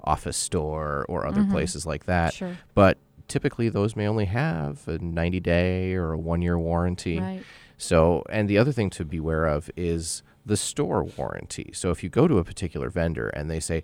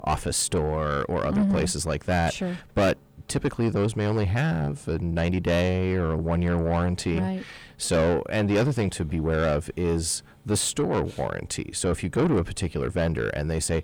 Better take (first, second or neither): first